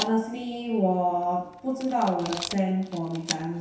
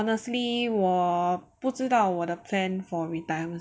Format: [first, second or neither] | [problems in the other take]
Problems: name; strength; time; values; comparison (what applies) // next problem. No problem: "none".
second | background sound (Camera); 13 dB below the speech // room echo; dies away in 0.7 s